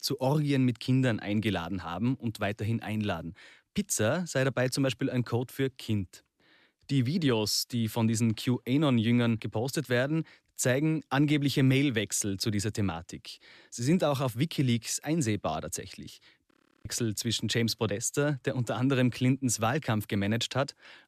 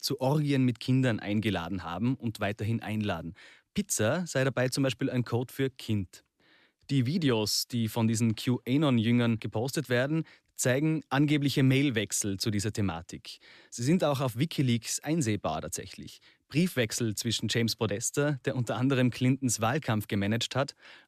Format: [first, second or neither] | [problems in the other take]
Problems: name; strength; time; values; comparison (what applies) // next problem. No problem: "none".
second | audio freezing; at 17 s